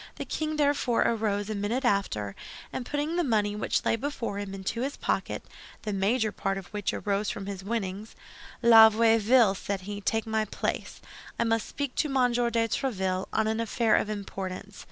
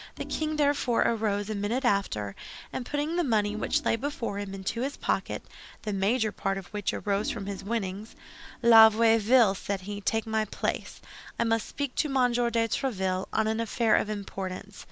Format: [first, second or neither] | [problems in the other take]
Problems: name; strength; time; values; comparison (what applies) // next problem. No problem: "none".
first | background sound (Organ); 19 dB below the speech